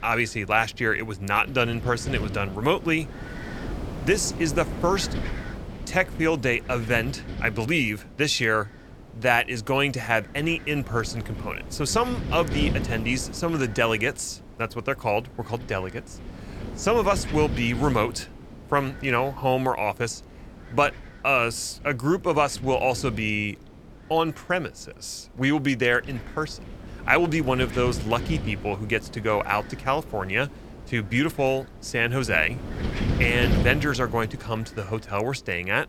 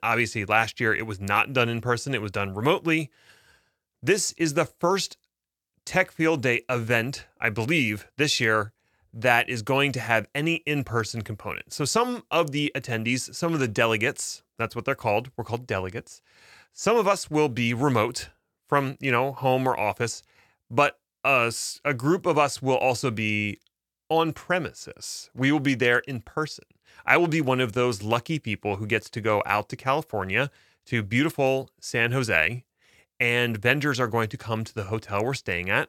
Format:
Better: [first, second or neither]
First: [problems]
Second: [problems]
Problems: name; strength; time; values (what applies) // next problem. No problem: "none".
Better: second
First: wind noise on the microphone; occasional gusts; 15 dB below the speech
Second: none